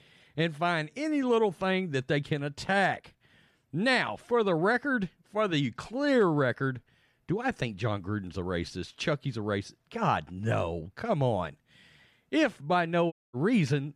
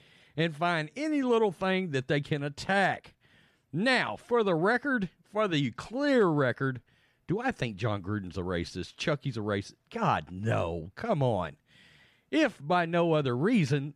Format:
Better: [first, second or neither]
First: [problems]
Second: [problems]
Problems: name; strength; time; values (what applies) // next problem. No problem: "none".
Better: second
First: audio cutting out; at 13 s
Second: none